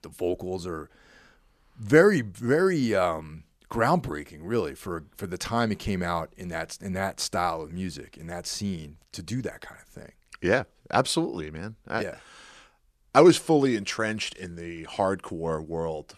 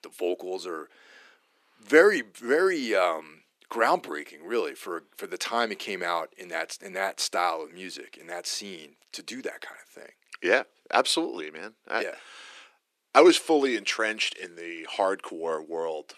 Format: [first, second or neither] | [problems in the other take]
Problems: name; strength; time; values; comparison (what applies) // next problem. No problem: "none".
first | thin; somewhat; fading below 300 Hz